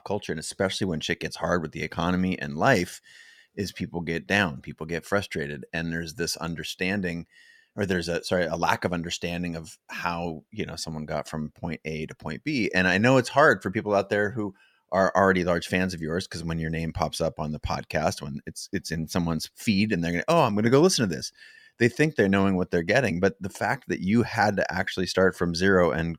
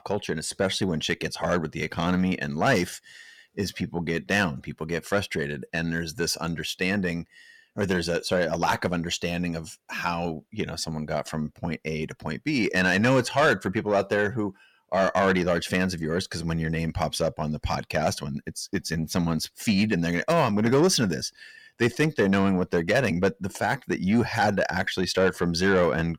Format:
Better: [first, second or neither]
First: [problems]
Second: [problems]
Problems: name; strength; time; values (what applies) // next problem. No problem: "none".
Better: first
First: none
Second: distortion; slight; 10 dB below the speech